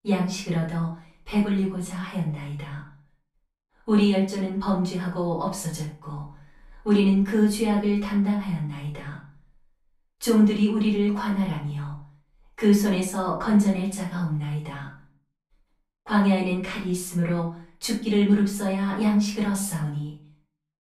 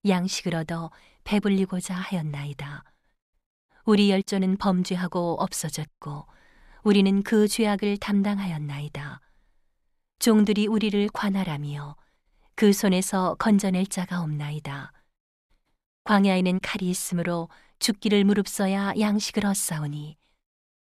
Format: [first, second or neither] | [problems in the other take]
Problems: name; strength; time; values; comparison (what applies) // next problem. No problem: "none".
second | off-mic speech; far // room echo; noticeable; dies away in 0.4 s